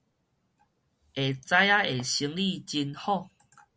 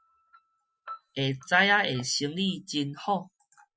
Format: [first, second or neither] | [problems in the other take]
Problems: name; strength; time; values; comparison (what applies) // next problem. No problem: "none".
first | noise reduction (classical method Wiener filter)